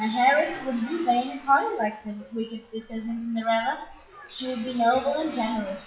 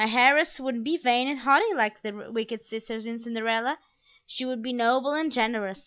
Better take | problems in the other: second | noise reduction (classical method WPE with log-MMSE)

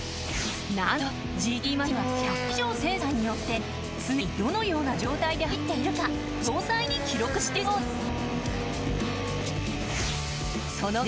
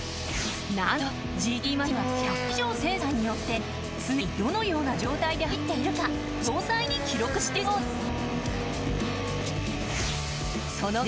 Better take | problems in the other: first | background sound (Wind instrument, woodwind instrument); 20 dB below the speech

